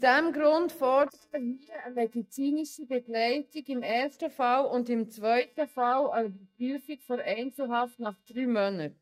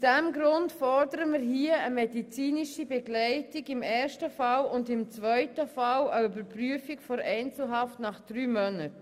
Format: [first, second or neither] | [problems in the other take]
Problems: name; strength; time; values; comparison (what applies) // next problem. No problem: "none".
second | noise reduction (neural mask model DeepFilterNet 3)